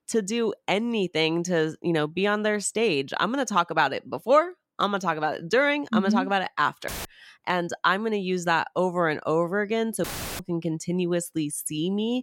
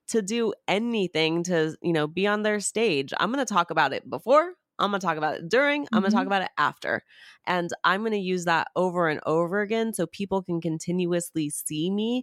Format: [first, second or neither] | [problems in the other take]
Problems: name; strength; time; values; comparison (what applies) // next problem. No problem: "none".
second | audio cutting out; filled with static; at 7 s and at 10 s